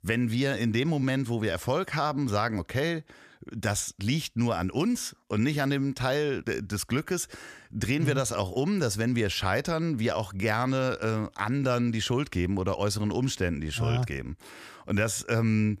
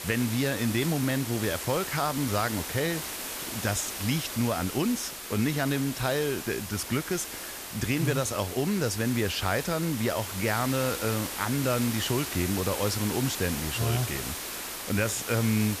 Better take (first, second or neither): first